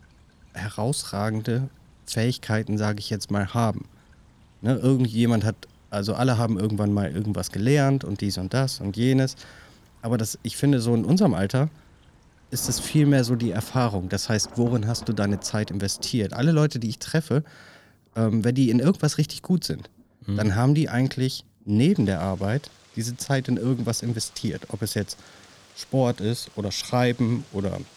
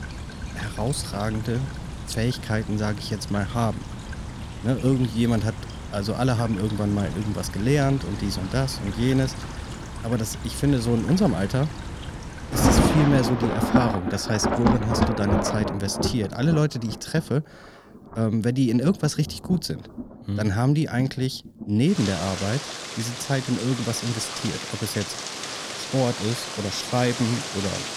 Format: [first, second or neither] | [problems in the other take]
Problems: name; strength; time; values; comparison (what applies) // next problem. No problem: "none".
first | rain or running water; loud; throughout; 5 dB below the speech; faint in the first